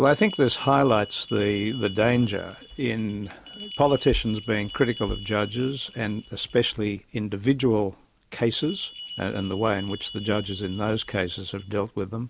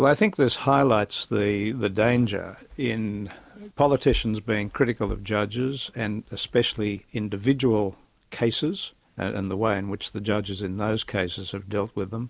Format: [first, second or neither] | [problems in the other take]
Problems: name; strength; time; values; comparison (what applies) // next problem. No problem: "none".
second | background sound (Bell); 17 dB below the speech